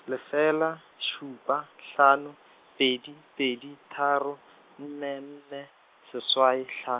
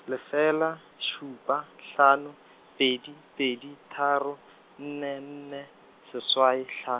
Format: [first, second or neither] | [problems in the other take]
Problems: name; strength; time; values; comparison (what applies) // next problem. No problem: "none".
second | noise reduction (neural mask model Resemble Enhance denoiser)